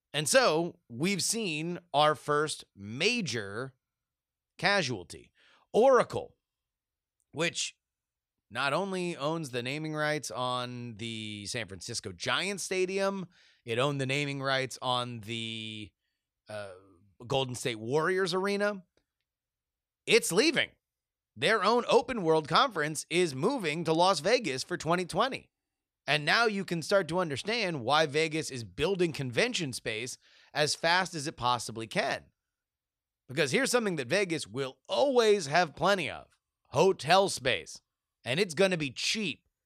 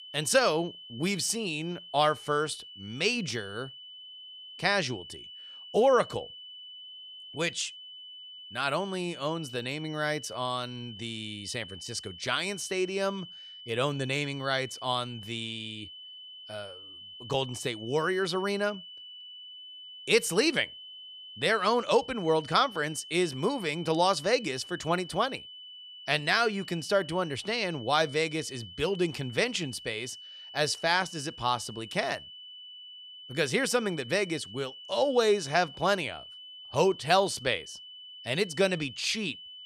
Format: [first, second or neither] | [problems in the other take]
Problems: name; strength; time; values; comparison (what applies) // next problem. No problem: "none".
first | high-pitched whine; noticeable; throughout; 3 kHz, 15 dB below the speech